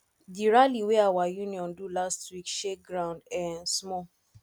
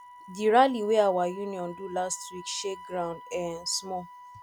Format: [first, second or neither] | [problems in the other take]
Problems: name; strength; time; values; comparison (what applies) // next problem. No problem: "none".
first | background sound (Wind instrument, woodwind instrument); 18 dB below the speech